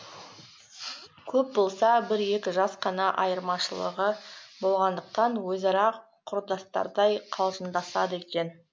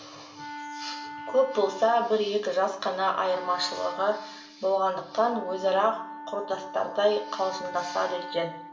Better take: first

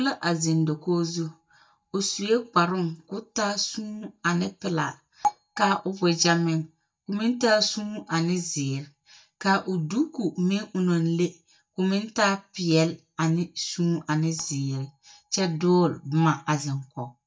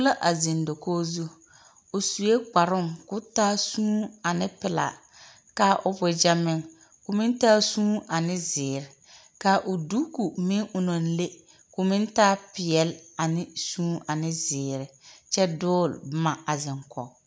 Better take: second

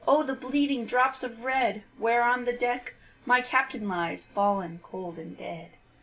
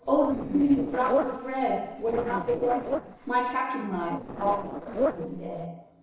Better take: first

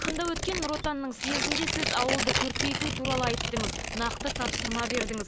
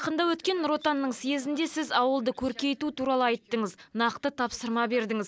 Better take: second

